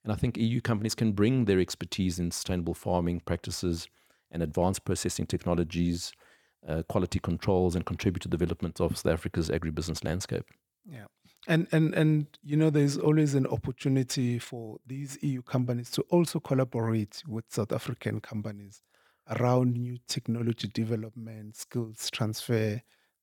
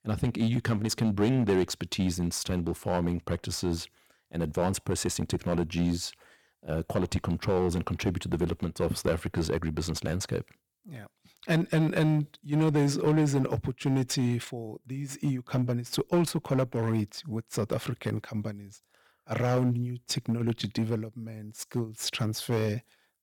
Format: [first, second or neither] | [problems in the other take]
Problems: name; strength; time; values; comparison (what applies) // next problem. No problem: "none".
first | distortion; slight; 4% of the sound clipped